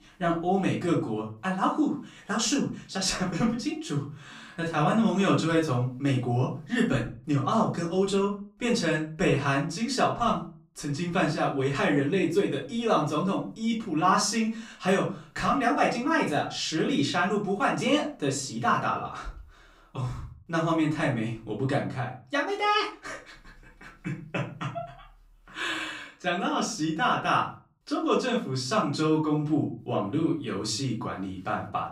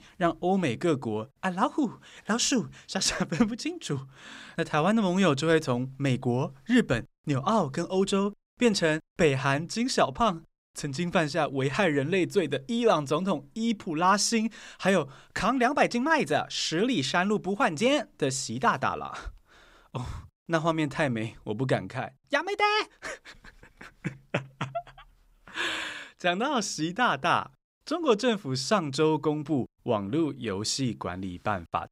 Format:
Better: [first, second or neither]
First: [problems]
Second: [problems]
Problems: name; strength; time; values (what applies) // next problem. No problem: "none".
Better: second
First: off-mic speech; far // room echo; slight; dies away in 0.3 s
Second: none